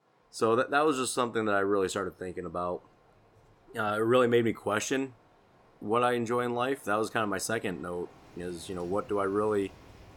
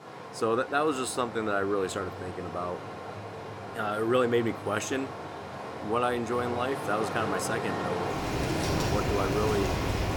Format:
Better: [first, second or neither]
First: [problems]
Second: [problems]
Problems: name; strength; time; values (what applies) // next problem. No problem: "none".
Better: first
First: rain or running water; faint; throughout; 30 dB below the speech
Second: rain or running water; loud; throughout; 4 dB below the speech